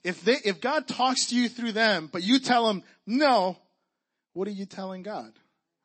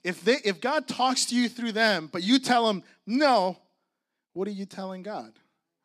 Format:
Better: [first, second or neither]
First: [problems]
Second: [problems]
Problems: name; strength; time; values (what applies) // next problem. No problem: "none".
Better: second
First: garbled, watery; slightly; nothing above 8 kHz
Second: none